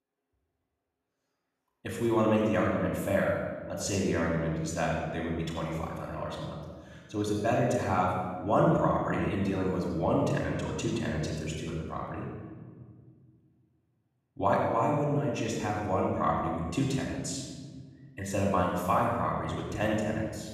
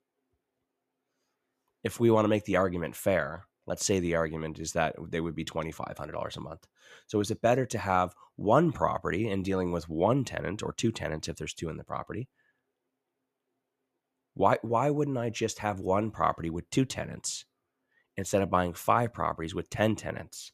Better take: second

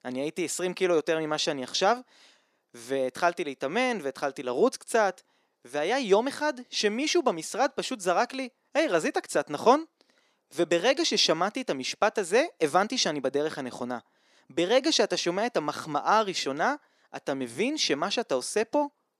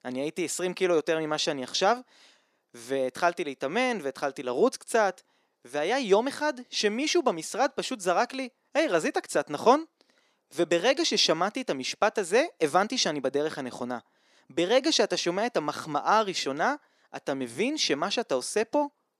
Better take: neither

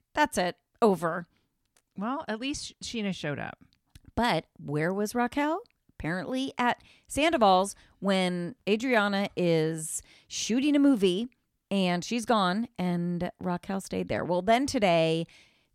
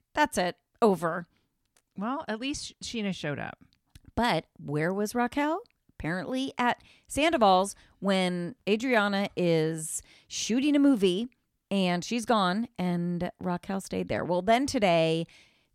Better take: neither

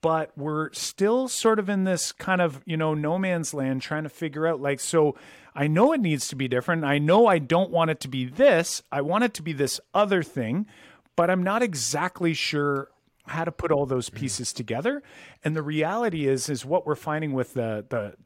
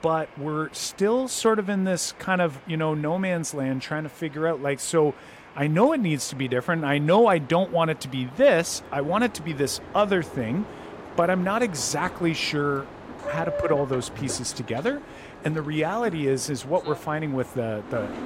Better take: first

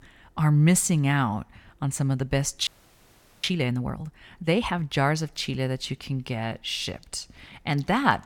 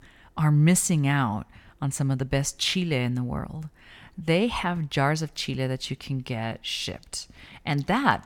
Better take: second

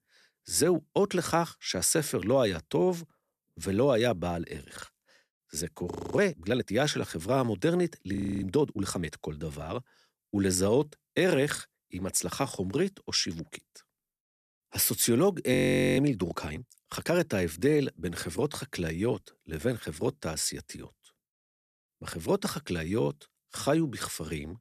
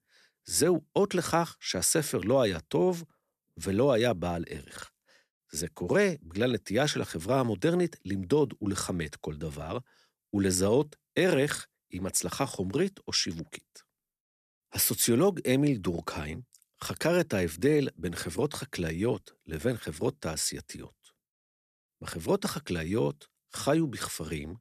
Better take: second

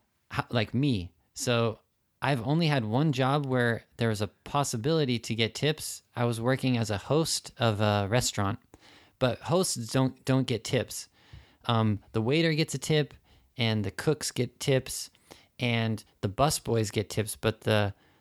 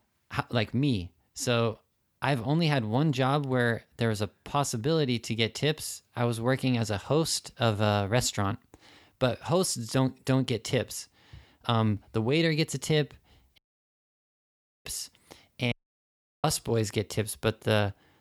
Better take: first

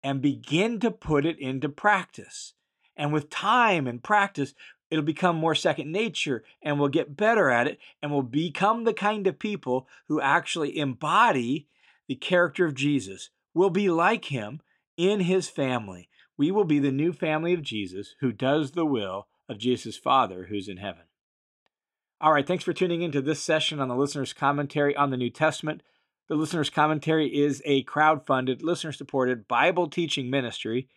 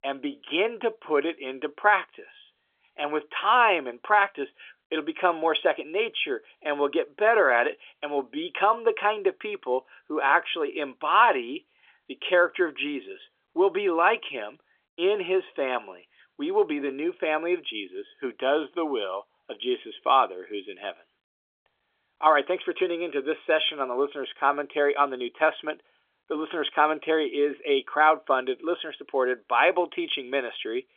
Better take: first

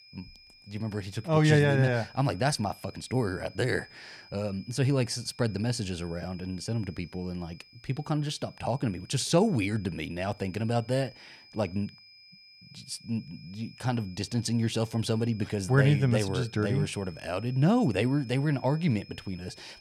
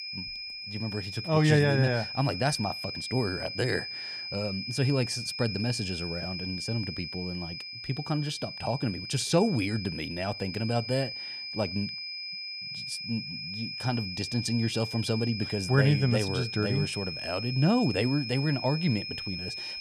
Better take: first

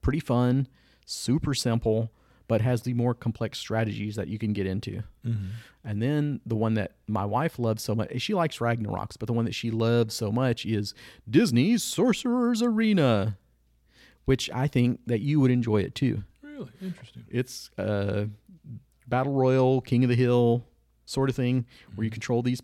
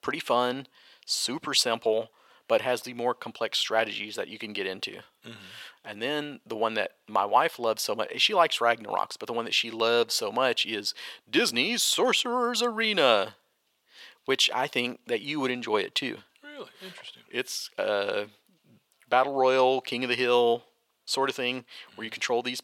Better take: first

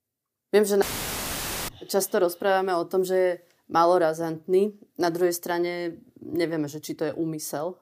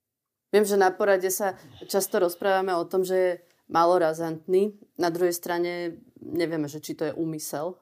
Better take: second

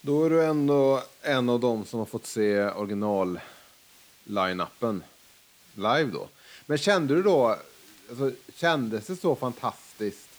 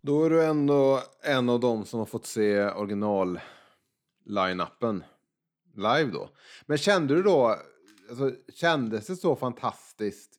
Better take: second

